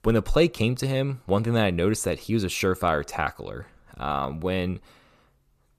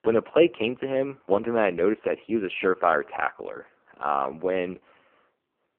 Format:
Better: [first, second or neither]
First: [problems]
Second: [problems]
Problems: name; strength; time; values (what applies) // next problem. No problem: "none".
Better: first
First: none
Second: phone-call audio; poor line